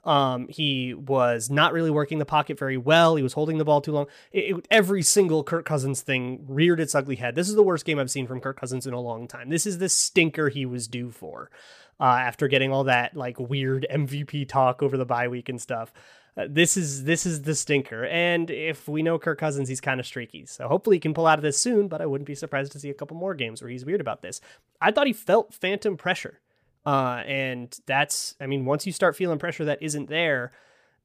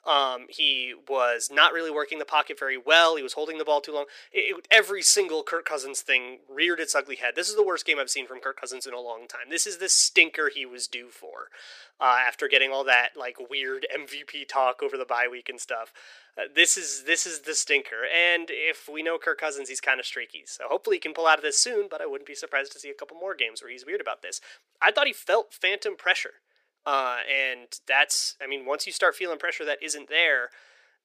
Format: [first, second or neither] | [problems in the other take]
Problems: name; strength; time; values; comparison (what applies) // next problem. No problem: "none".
first | thin; very; fading below 350 Hz